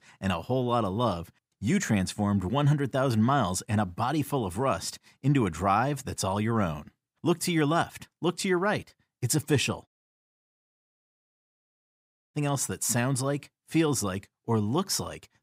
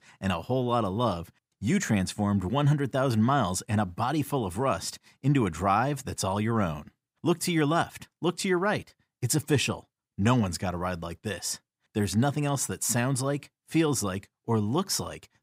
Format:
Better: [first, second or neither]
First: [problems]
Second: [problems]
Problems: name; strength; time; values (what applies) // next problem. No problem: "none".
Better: second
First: audio cutting out; at 10 s for 2.5 s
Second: none